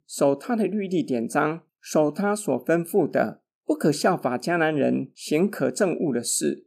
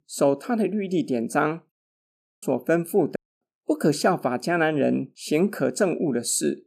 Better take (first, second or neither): first